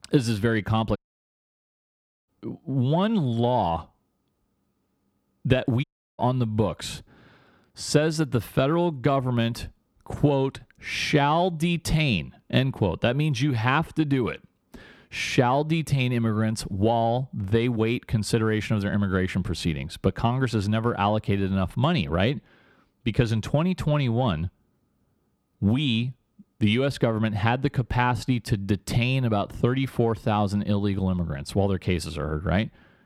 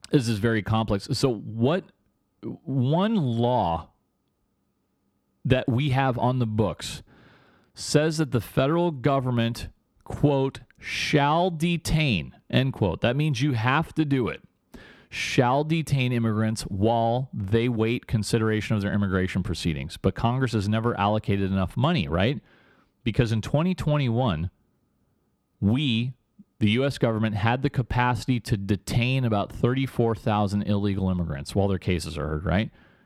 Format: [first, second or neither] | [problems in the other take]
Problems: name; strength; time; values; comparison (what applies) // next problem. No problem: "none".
second | audio cutting out; at 1 s for 1.5 s and at 6 s